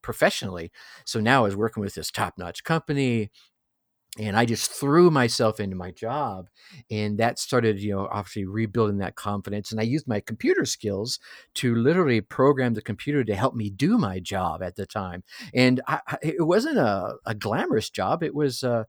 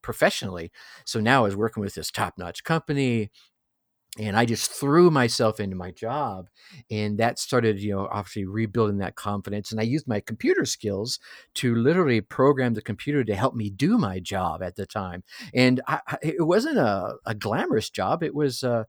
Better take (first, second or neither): neither